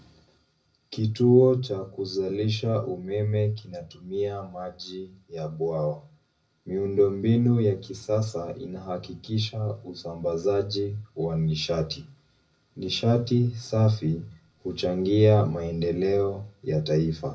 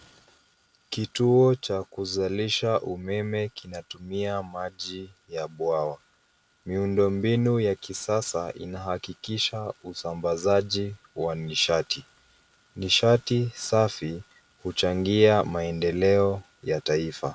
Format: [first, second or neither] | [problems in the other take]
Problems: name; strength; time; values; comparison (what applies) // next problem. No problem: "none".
second | room echo; dies away in 0.4 s